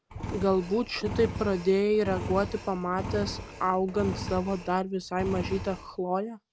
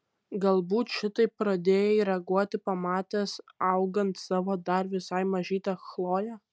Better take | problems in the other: second | background sound (Engine); 9 dB below the speech

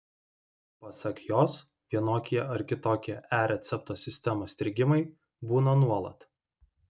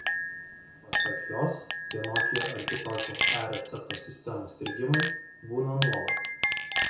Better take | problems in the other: first | background sound (Chink, clink); 2 dB above the speech // room echo; dies away in 0.5 s

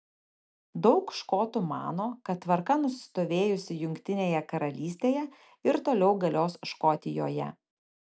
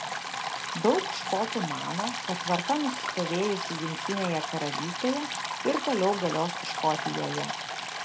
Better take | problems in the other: first | background sound (Stream); 3 dB below the speech

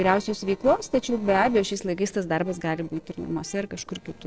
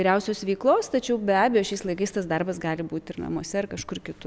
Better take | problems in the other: second | noise reduction (neural separator model SepFormer DNS4)

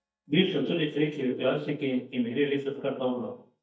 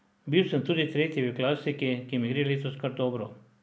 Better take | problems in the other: second | noise reduction (neural mask model DeepFilterNet 3)

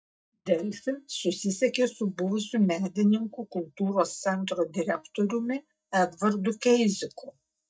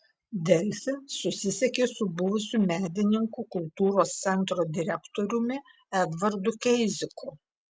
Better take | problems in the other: second | noise reduction (neural mask model DeepFilterNet 3)

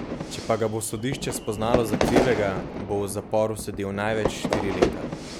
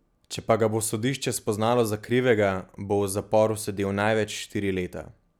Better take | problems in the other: second | background sound (Fire / Fireworks); 1 dB below the speech

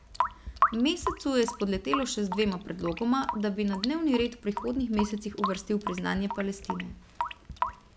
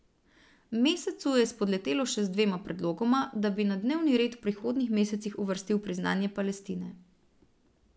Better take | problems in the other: second | background sound (Drip / Sink (filling or washing) / Water tap, faucet); 5 dB below the speech

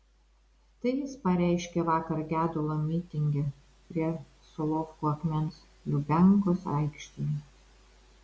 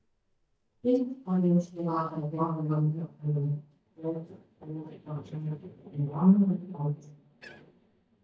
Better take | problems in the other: first | noise reduction (neural mask model DeepFilterNet 3)

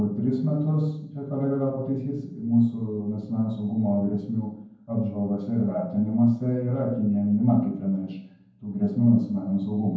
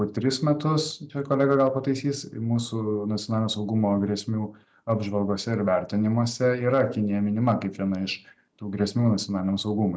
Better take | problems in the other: second | room echo; dies away in 0.9 s

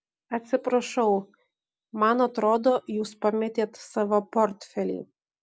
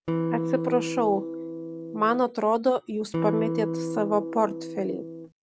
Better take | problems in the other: first | background sound (Electric guitar); 3 dB below the speech

